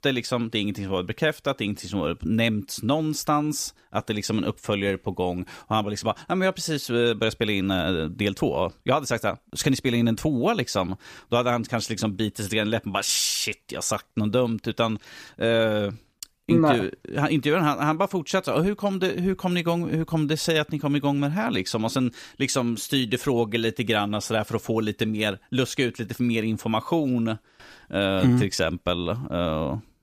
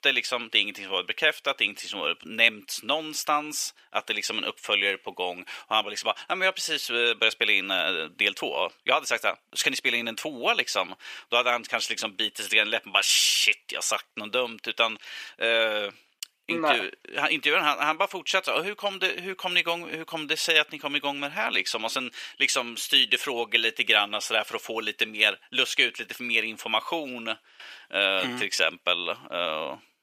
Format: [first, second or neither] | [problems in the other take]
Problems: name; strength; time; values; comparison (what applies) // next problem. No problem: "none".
first | thin; very; fading below 550 Hz